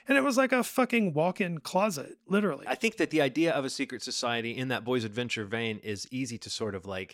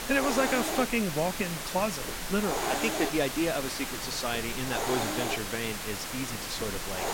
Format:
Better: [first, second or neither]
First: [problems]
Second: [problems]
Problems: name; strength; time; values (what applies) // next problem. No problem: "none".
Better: first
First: none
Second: hiss; loud; throughout; 1 dB below the speech